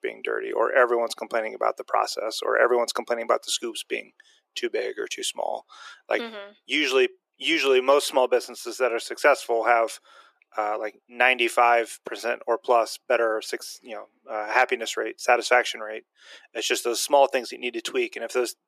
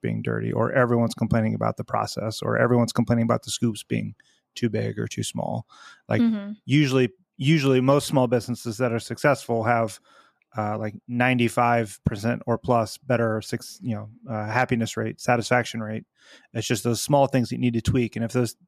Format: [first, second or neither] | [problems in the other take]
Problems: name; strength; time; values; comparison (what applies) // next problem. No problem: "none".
second | thin; very; fading below 350 Hz